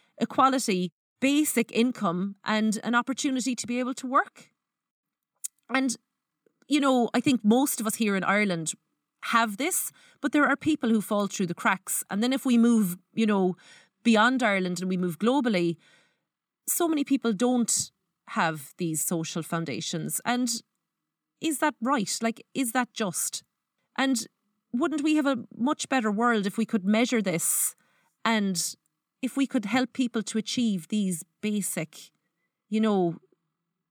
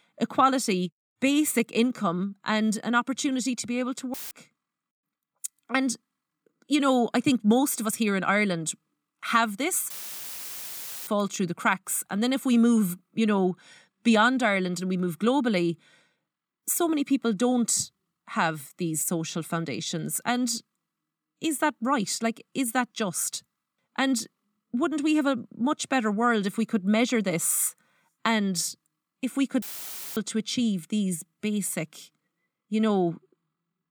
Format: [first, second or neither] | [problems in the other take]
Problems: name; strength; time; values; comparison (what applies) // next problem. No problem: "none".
first | audio cutting out; filled with static; at 4 s, at 10 s for 1 s and at 30 s for 0.5 s